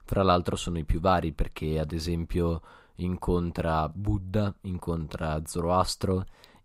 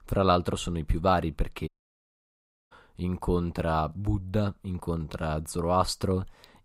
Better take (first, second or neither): first